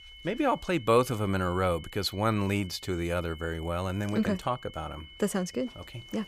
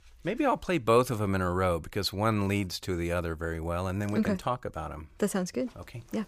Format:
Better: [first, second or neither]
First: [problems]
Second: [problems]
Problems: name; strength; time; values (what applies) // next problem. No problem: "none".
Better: second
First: high-pitched whine; noticeable; throughout; 3 kHz, 20 dB below the speech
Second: none